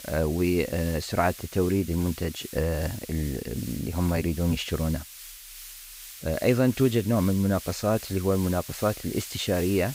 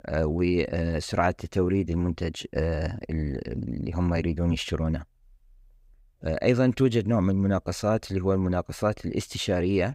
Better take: second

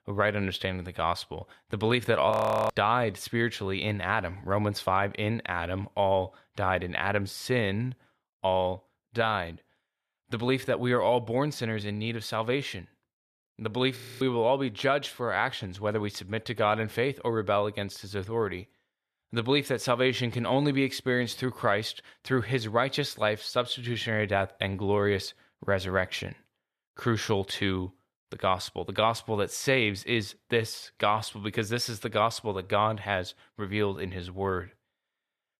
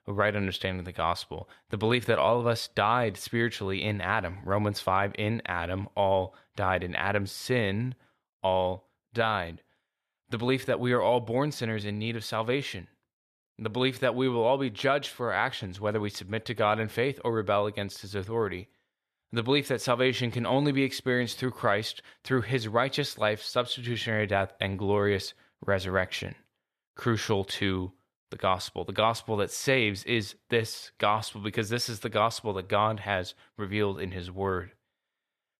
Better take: second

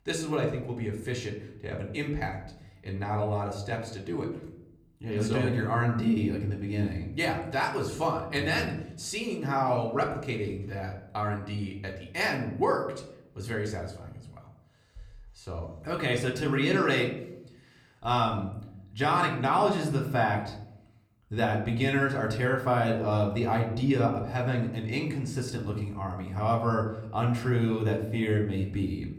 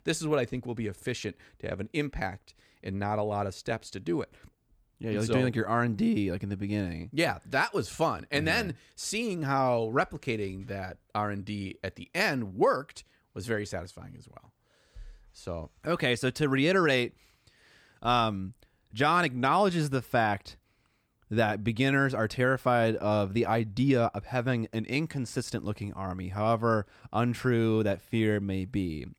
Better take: second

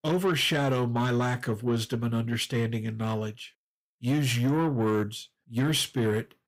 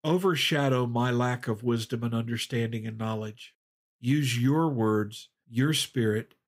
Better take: second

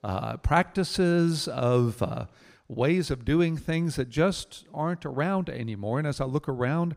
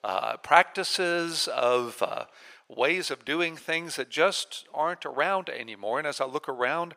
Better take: first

